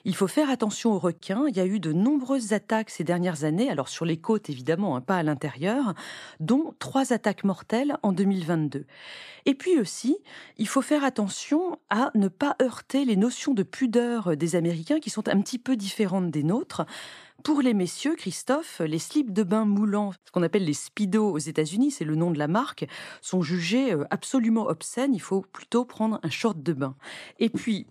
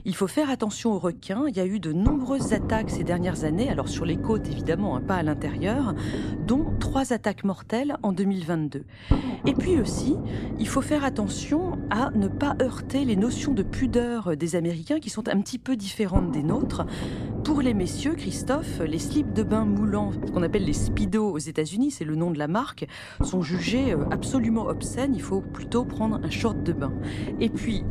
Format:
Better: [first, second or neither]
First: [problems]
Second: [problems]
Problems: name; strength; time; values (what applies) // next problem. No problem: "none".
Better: first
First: none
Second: low rumble; loud; throughout; 7 dB below the speech